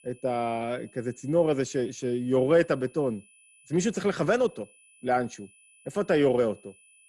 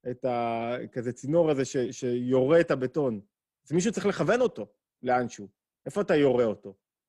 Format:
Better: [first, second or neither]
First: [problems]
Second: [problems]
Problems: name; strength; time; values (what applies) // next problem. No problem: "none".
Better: second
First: high-pitched whine; faint; throughout; 2.5 kHz, 30 dB below the speech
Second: none